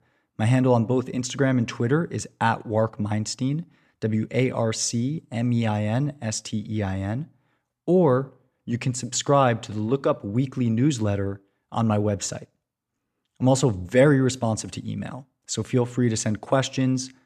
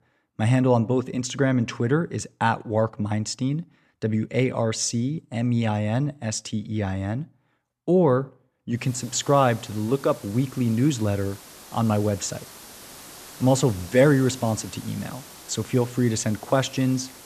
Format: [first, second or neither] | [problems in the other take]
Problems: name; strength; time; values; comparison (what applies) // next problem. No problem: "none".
first | hiss; noticeable; from 9 s on; 20 dB below the speech